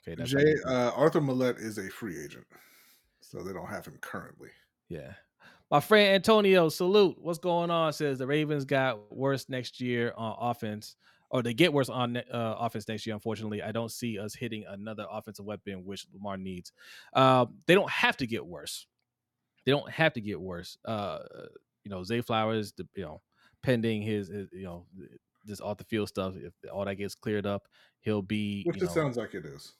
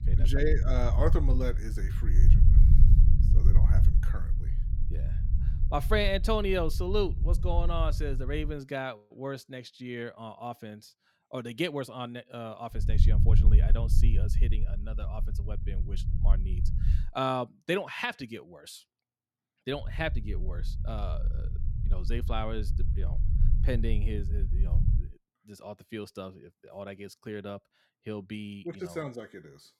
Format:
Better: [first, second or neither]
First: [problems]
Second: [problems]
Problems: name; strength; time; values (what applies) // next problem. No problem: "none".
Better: first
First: none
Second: low rumble; noticeable; until 8.5 s, from 13 to 17 s and from 20 to 25 s; 10 dB below the speech